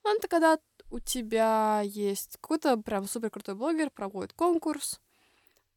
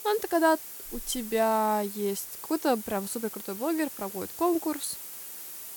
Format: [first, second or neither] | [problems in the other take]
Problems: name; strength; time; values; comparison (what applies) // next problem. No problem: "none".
first | hiss; loud; throughout; 9 dB below the speech